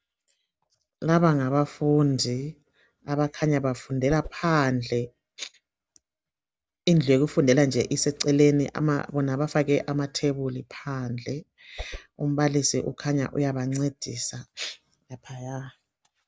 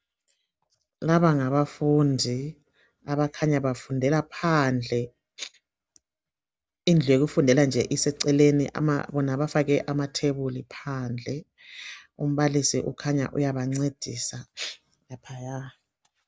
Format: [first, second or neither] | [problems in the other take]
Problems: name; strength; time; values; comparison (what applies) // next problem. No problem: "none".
second | background sound (Whoosh, swoosh, swish); 13 dB below the speech